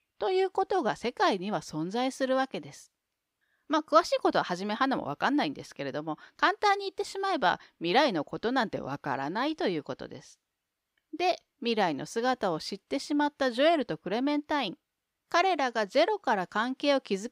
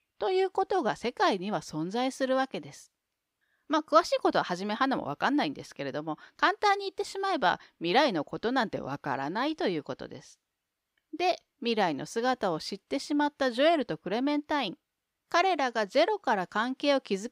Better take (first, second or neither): neither